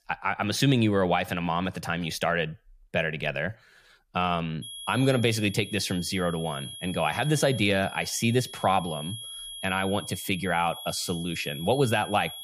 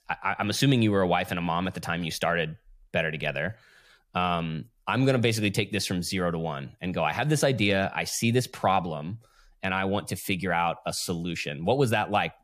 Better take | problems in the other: second | high-pitched whine; noticeable; from 4.5 s on; 3.5 kHz, 10 dB below the speech

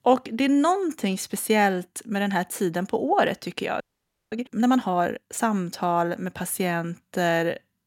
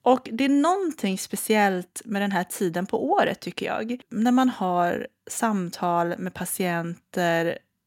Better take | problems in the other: second | audio freezing; at 4 s for 0.5 s

